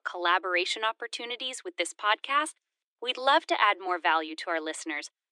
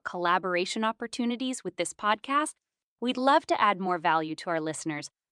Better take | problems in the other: second | thin; very; fading below 300 Hz

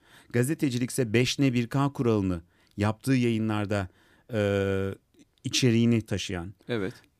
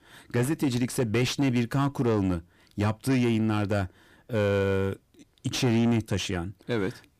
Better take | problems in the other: first | distortion; slight; 10 dB below the speech

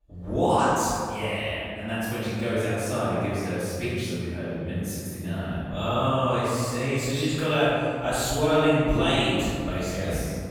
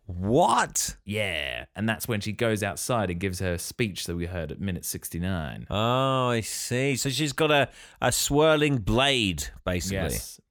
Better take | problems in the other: second | off-mic speech; far // room echo; strong; dies away in 2.2 s

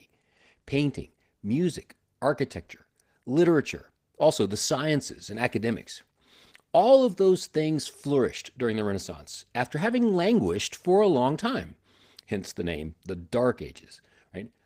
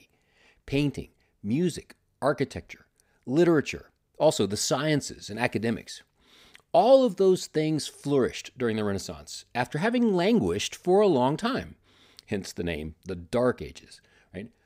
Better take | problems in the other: second | garbled, watery; slightly; nothing above 15.5 kHz

